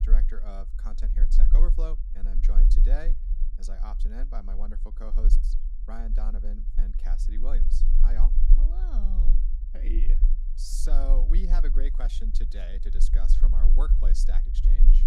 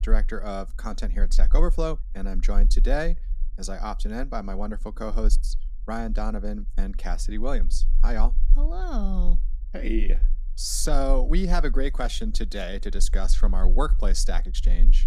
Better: second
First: low rumble; loud; throughout; 8 dB below the speech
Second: low rumble; faint; throughout; 25 dB below the speech

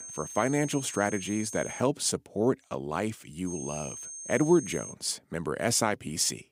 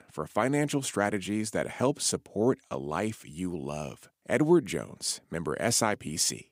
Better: second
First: high-pitched whine; loud; until 2 s and from 3.5 to 5 s; 6.5 kHz, 10 dB below the speech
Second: none

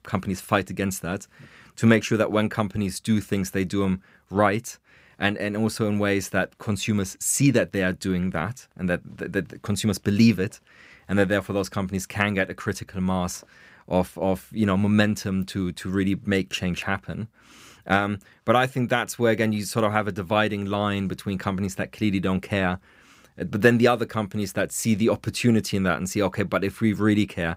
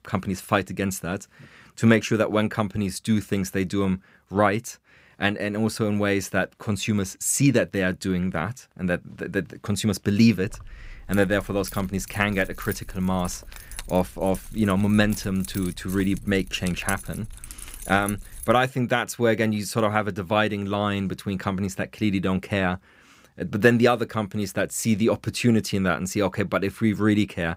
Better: first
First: none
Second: jangling keys; noticeable; from 10 to 19 s; peak 9 dB below the speech

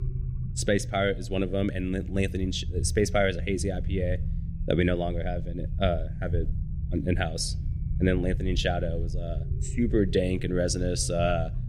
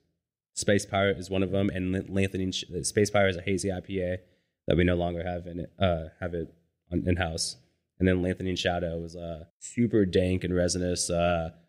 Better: second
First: low rumble; noticeable; throughout; 20 dB below the speech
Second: none

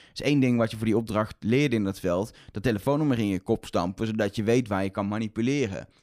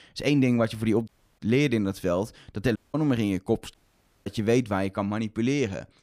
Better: first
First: none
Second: audio cutting out; at 1 s, at 3 s and at 3.5 s for 0.5 s

